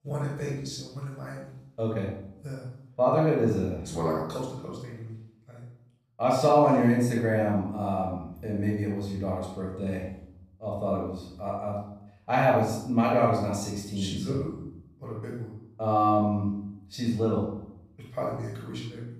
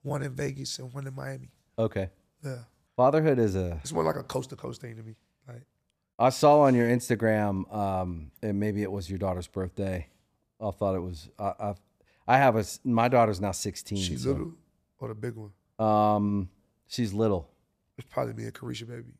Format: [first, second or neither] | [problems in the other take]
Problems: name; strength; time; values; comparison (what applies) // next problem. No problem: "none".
second | off-mic speech; far // room echo; noticeable; dies away in 0.7 s